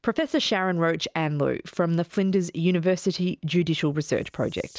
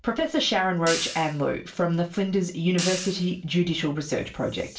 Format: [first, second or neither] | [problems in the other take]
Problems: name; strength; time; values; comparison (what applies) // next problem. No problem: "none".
first | background sound (Hi-hat); 11 dB below the speech // room echo; dies away in 0.3 s